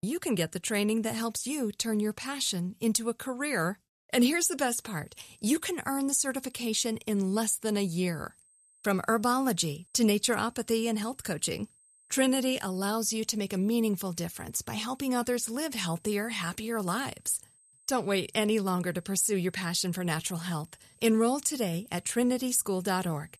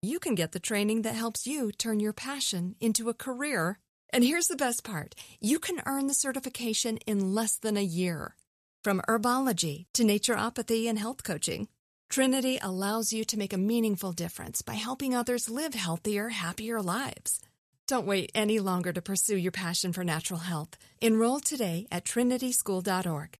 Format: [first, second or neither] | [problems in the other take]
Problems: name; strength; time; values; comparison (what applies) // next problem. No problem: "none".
second | high-pitched whine; faint; from 5 s on; 8.5 kHz, 30 dB below the speech